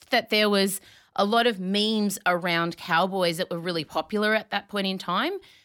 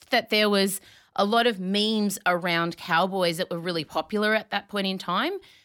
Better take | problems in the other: neither | none

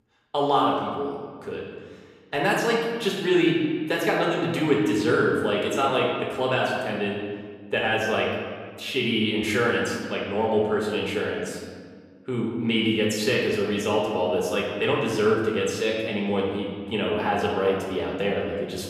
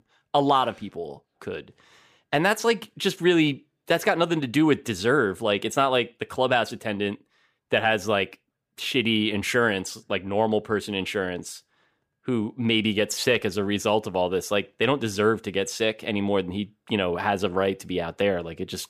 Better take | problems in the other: second | room echo; noticeable; dies away in 1.5 s // off-mic speech; far

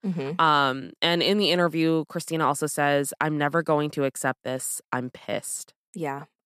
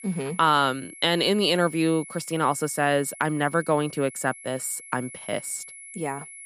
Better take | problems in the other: first | high-pitched whine; noticeable; throughout; 2 kHz, 15 dB below the speech

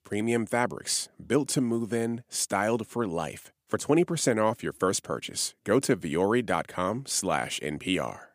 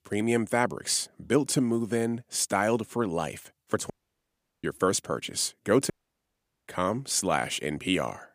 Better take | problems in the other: first | audio cutting out; at 4 s for 0.5 s and at 6 s for 1 s

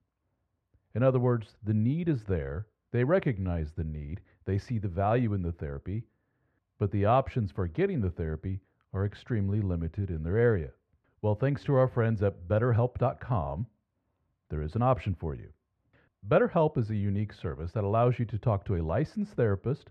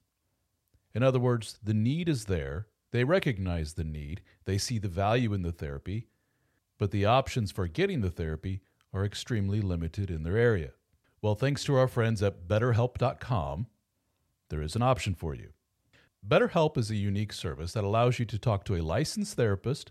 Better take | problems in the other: second | muffled; very; fading above 3.5 kHz

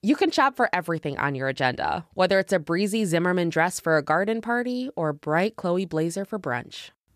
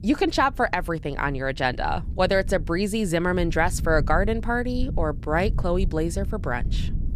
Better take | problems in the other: first | low rumble; faint; throughout; 20 dB below the speech

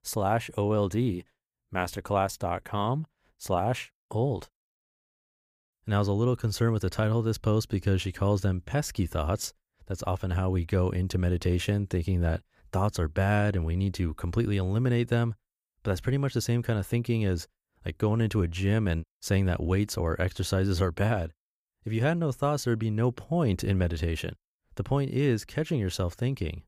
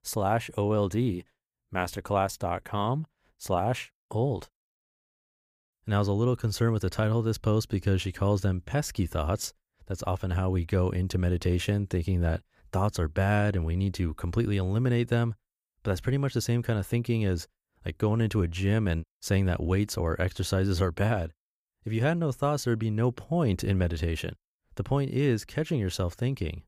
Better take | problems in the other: neither | none

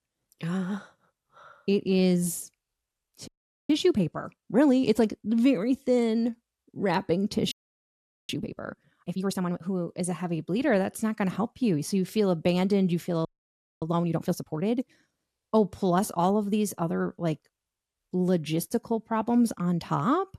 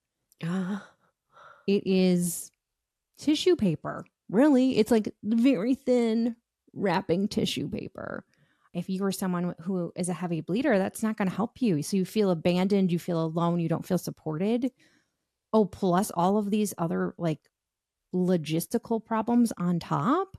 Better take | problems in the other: second | audio freezing; at 3.5 s, at 7.5 s for 1 s and at 13 s for 0.5 s

